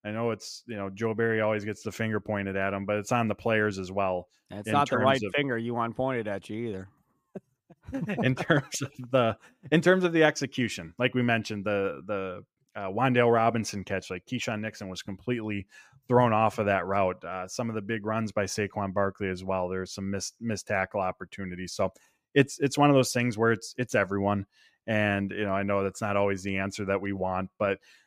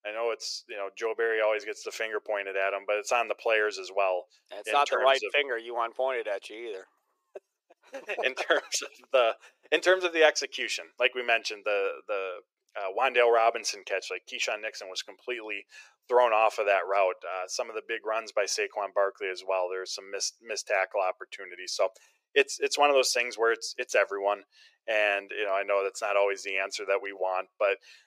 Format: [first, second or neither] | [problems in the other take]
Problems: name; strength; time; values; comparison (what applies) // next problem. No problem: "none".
first | thin; very; fading below 400 Hz